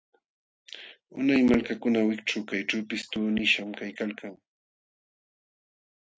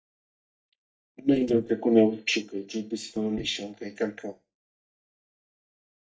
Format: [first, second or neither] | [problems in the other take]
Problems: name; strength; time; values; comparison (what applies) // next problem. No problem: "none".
first | noise reduction (neural mask model DeepFilterNet 3)